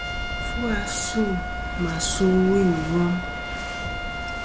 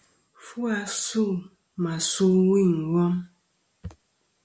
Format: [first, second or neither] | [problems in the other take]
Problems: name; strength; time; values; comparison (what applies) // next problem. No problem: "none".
second | background sound (Trumpet + Walk, footsteps / Waves, surf / Wind); 4 dB below the speech